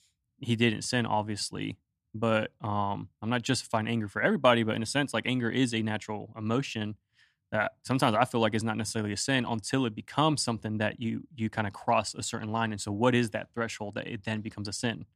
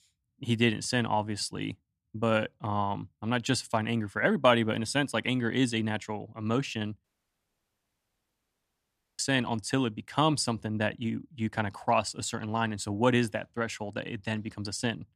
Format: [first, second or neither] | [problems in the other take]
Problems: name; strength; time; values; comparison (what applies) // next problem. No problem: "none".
first | audio cutting out; at 7 s for 2 s